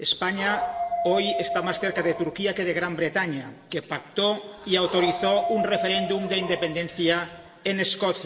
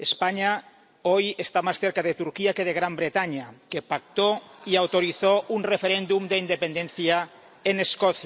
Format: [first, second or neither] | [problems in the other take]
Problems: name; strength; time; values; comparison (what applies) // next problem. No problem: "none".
second | background sound (Dog); 5 dB below the speech // room echo; dies away in 1.5 s